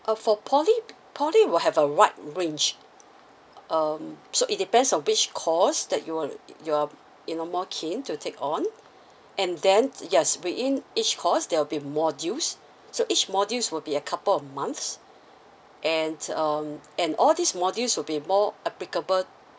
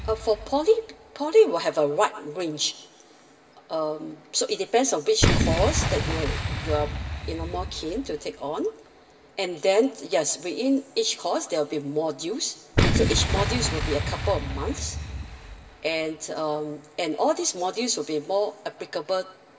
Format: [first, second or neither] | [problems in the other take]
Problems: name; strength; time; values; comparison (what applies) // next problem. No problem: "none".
first | background sound (Boom); 4 dB below the speech // room echo; dies away in 2.8 s